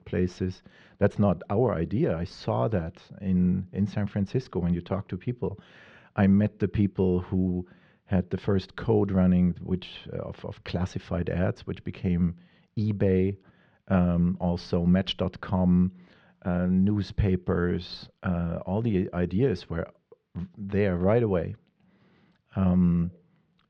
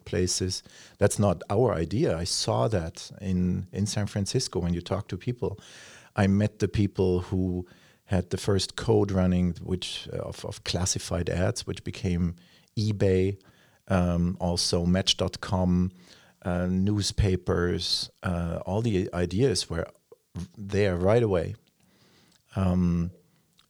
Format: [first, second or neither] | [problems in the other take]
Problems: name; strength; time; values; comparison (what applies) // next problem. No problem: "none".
second | muffled; very; fading above 2.5 kHz